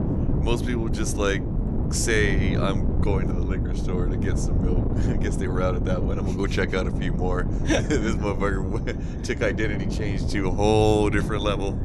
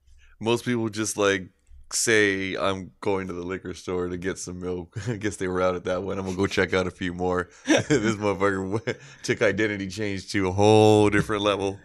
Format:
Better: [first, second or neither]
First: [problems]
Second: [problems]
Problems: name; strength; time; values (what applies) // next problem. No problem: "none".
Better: second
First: wind noise on the microphone; heavy; 7 dB below the speech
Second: none